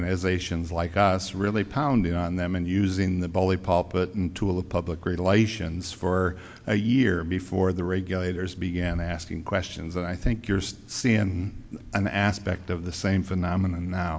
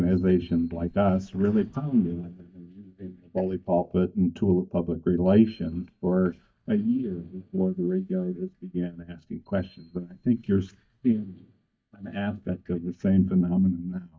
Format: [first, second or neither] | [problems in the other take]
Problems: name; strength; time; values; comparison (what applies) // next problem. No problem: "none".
first | noise reduction (neural mask model DeepFilterNet 3)